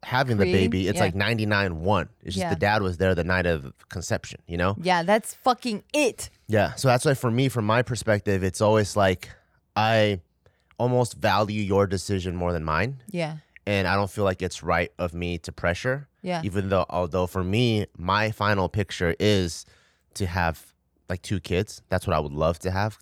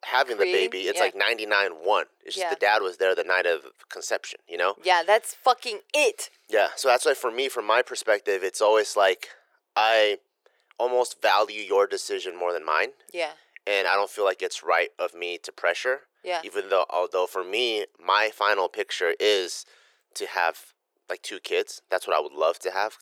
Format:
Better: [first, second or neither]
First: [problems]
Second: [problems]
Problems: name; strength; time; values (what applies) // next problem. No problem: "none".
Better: first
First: none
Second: thin; very; fading below 400 Hz